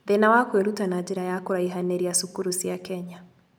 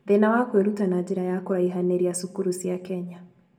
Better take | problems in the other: first | room echo; dies away in 0.2 s

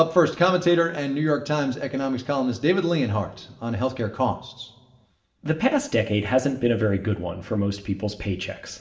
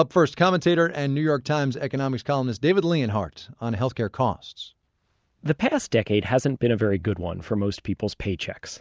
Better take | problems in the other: second | room echo; dies away in 1.6 s

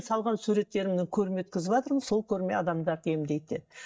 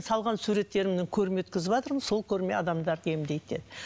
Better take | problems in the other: second | noise reduction (neural mask model DeepFilterNet 3)

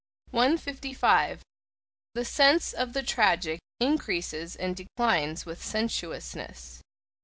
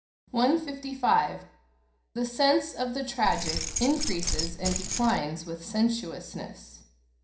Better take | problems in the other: first | background sound (Keys jangling); 2 dB below the speech // room echo; dies away in 0.5 s

